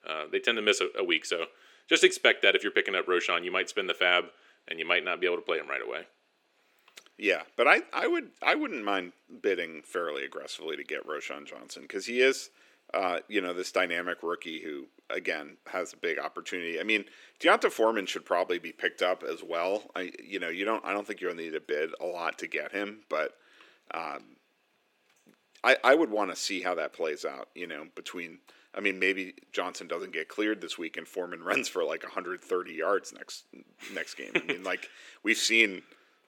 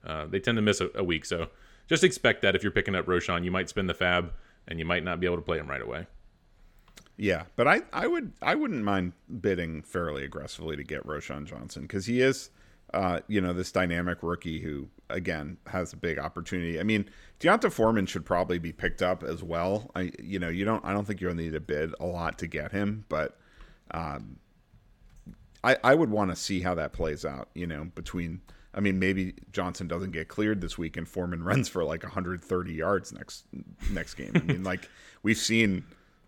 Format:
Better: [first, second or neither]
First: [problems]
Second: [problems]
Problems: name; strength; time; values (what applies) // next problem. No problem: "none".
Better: second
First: thin; somewhat; fading below 350 Hz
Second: none